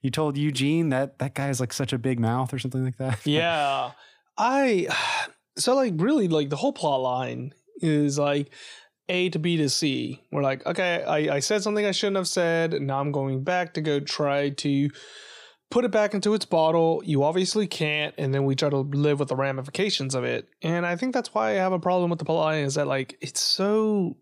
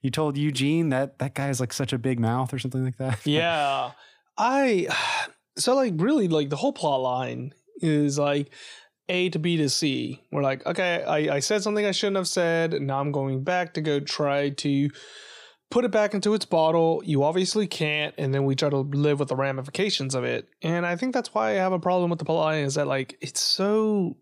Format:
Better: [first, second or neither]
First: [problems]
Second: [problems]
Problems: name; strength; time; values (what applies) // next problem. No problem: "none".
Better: neither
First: none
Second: none